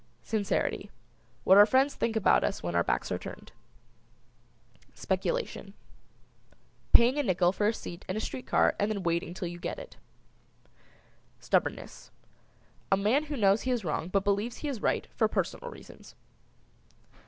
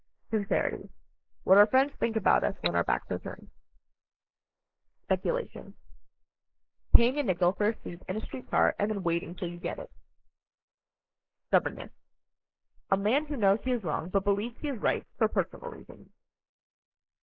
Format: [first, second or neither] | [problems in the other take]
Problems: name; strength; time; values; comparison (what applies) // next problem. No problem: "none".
first | noise reduction (neural mask model Resemble Enhance denoiser)